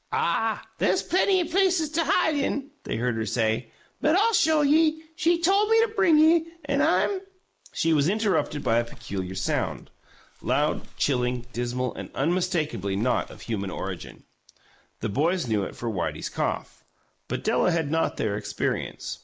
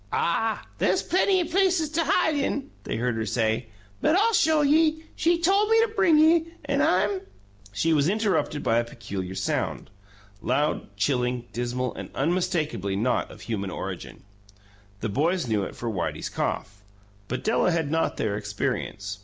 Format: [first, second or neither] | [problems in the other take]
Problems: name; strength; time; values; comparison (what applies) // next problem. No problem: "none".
second | noise reduction (neural mask model Resemble Enhance denoiser)